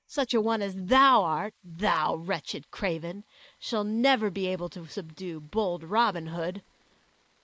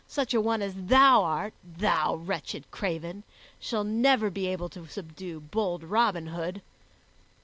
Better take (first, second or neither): second